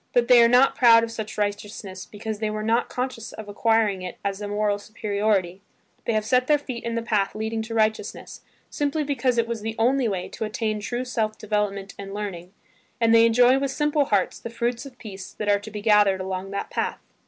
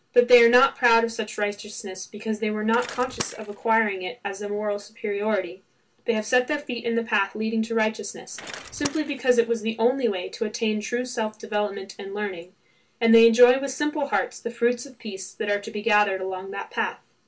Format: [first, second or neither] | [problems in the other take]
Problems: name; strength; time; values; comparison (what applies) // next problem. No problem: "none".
first | background sound (Bicycle); 16 dB below the speech // room echo; dies away in 0.2 s